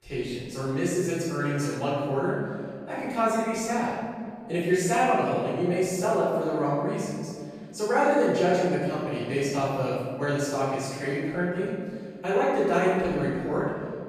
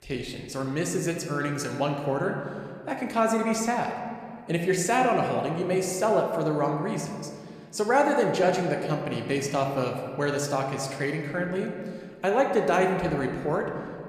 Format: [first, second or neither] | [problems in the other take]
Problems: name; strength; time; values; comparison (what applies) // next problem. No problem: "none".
second | room echo; strong; dies away in 2 s; slight in the second // off-mic speech; far